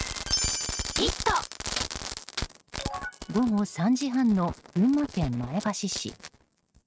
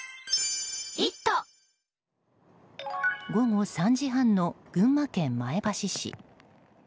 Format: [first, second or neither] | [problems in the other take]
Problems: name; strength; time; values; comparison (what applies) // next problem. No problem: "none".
second | noise reduction (neural mask model RNNoise)